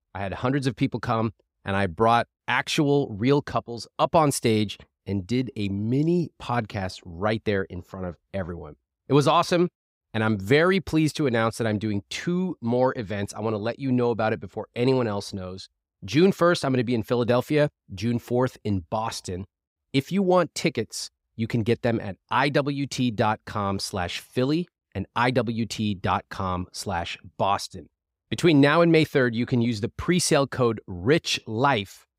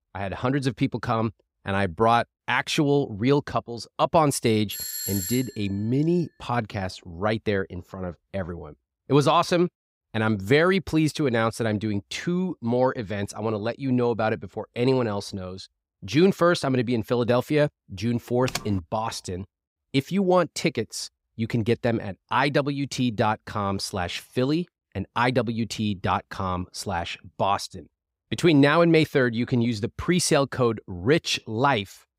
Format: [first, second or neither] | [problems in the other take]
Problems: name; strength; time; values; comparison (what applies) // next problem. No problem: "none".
first | doorbell; noticeable; at 4.5 s; peak 4 dB below the speech // keyboard typing; noticeable; at 18 s; peak 8 dB below the speech